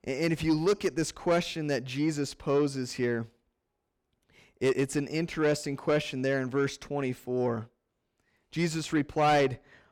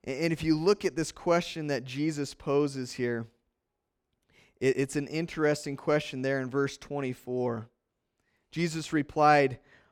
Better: second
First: distortion; slight; 10 dB below the speech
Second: none

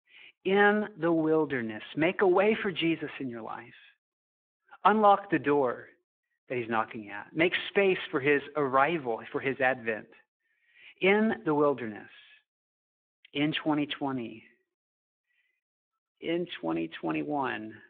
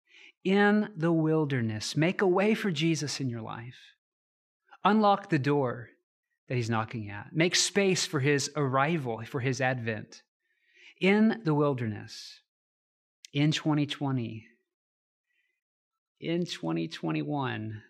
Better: second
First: phone-call audio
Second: none

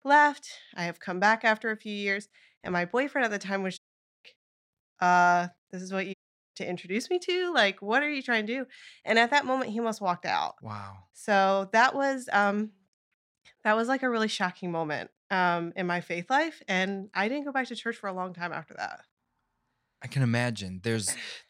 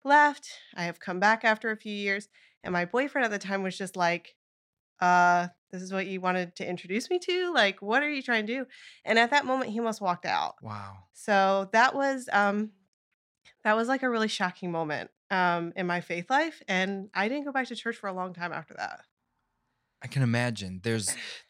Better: second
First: audio cutting out; at 4 s and at 6 s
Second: none

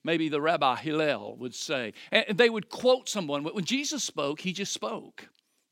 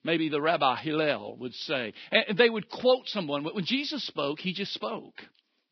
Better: first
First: none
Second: garbled, watery; badly; nothing above 5.5 kHz

